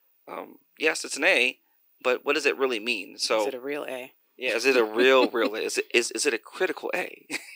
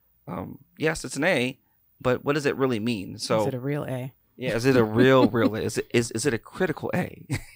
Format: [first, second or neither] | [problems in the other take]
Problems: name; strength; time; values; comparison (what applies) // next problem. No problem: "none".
second | thin; somewhat; fading below 350 Hz